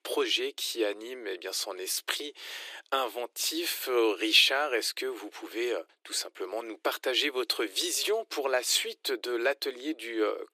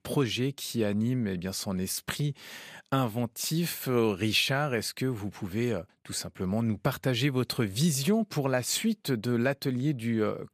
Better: second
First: thin; very; fading below 300 Hz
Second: none

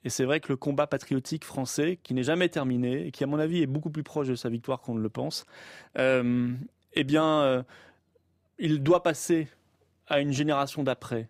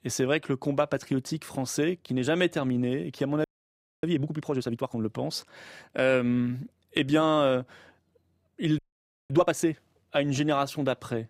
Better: first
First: none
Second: audio freezing; at 3.5 s for 0.5 s and at 9 s for 0.5 s

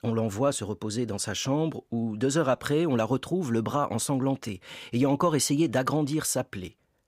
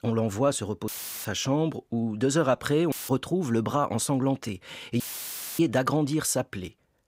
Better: first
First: none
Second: audio cutting out; filled with static; at 1 s, at 3 s and at 5 s for 0.5 s

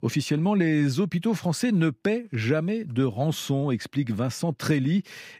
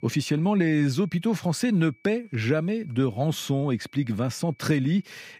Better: first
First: none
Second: high-pitched whine; faint; throughout; 2.5 kHz, 35 dB below the speech

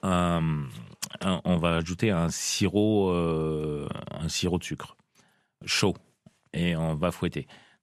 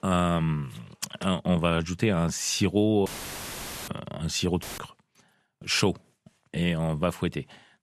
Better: first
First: none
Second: audio cutting out; filled with static; at 3 s for 1 s and at 4.5 s

